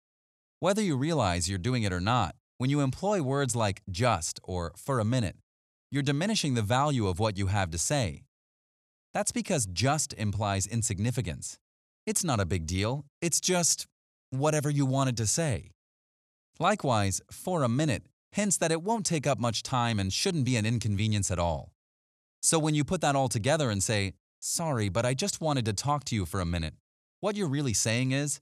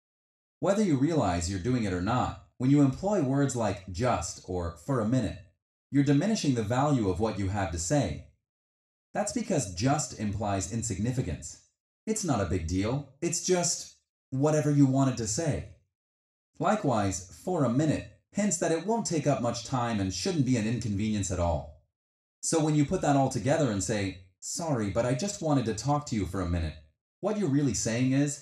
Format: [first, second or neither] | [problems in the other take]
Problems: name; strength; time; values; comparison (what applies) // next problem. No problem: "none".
first | room echo; slight; dies away in 0.4 s // off-mic speech; somewhat distant